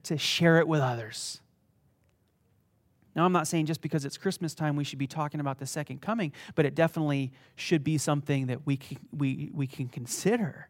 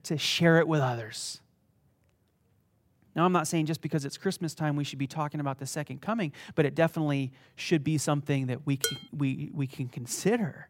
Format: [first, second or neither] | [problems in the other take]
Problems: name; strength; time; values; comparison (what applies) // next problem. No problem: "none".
first | clattering dishes; noticeable; at 9 s; peak 2 dB below the speech